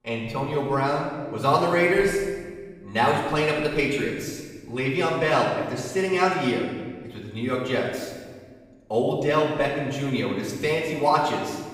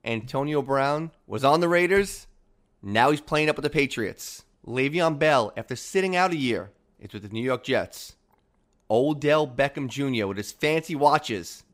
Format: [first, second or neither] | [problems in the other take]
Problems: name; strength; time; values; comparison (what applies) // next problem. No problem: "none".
second | off-mic speech; far // room echo; noticeable; dies away in 1.3 s